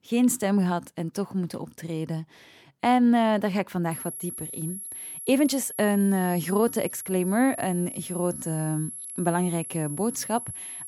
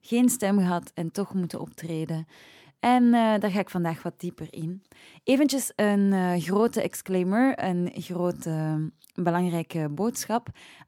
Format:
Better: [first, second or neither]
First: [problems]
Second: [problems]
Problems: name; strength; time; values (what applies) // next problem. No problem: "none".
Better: second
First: high-pitched whine; loud; from 4 s on; 11 kHz, 9 dB below the speech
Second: none